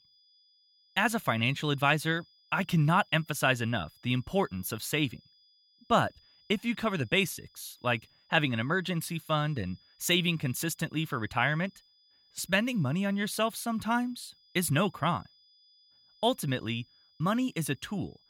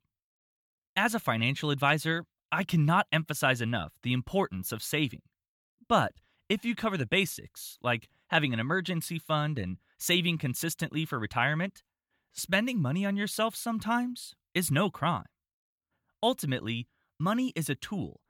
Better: second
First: high-pitched whine; faint; throughout; 5 kHz, 30 dB below the speech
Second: none

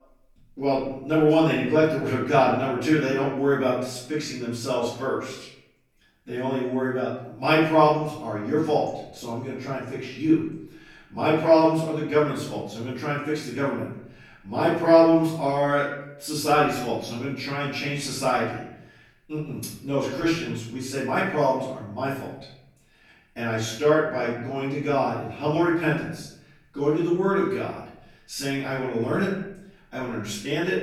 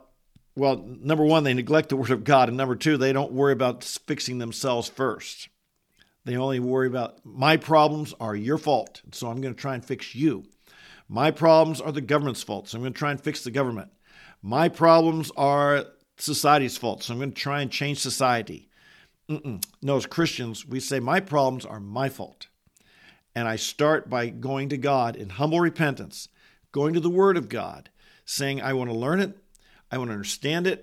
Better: second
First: off-mic speech; far // room echo; noticeable; dies away in 0.7 s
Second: none

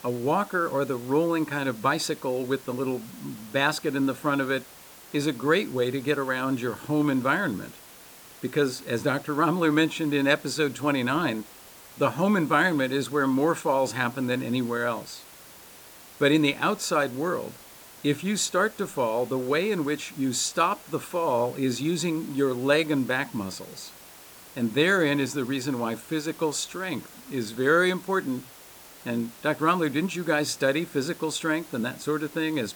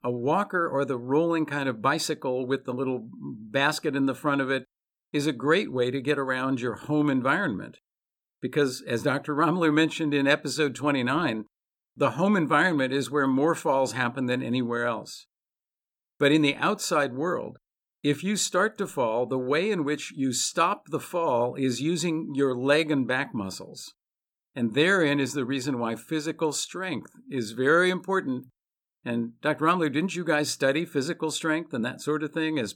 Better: second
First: hiss; noticeable; throughout; 20 dB below the speech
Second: none

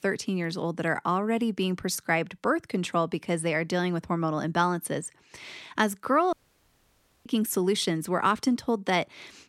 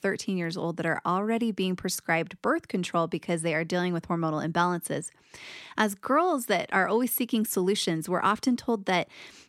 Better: second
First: audio cutting out; at 6.5 s for 1 s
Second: none

